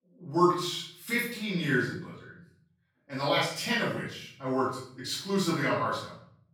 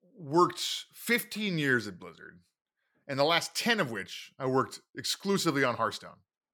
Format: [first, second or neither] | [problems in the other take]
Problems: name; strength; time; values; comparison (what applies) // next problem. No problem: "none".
second | room echo; noticeable; dies away in 0.6 s // off-mic speech; far